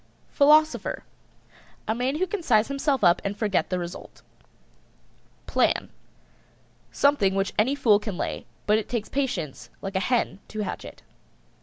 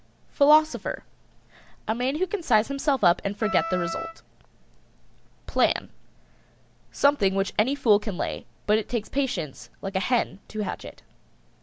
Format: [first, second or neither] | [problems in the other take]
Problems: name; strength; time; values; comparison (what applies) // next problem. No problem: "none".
first | background sound (Wind instrument, woodwind instrument); 7 dB below the speech